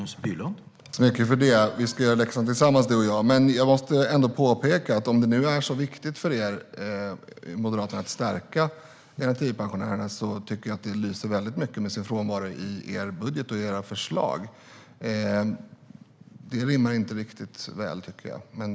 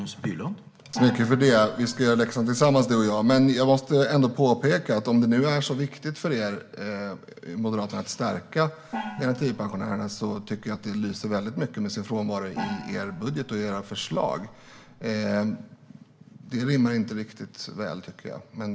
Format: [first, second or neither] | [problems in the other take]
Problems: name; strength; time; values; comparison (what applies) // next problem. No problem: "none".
first | background sound (Gong); 15 dB below the speech // room echo; dies away in 0.2 s